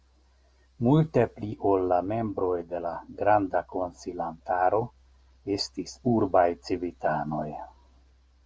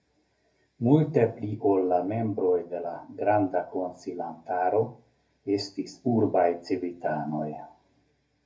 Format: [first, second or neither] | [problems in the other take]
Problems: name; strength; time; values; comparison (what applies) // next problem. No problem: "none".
first | room echo; dies away in 0.3 s